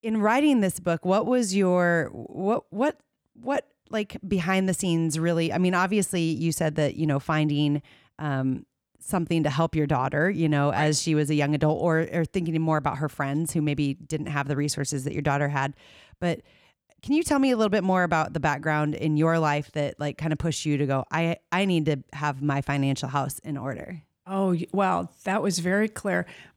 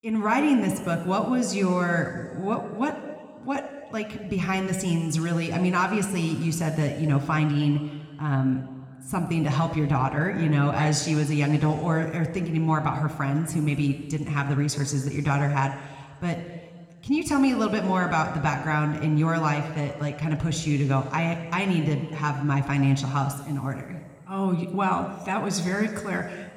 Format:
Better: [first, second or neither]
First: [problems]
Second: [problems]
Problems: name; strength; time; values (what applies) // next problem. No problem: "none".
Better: first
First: none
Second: room echo; slight; dies away in 2.1 s